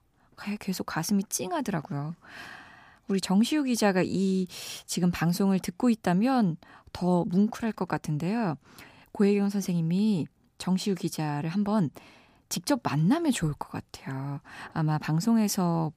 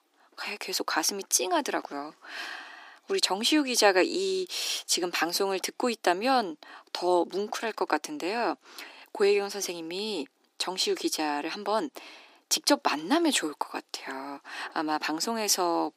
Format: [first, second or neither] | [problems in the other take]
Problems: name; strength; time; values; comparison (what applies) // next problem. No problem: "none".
first | thin; very; fading below 300 Hz